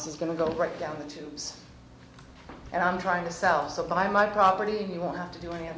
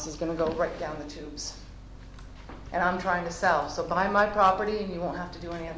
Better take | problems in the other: first | background sound (Mechanical fan); 17 dB below the speech

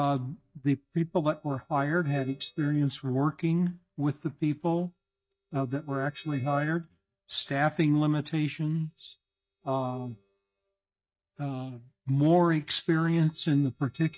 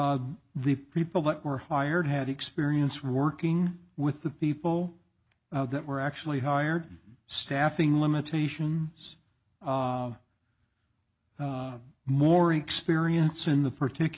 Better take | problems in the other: second | noise reduction (neural mask model DeepFilterNet 3)

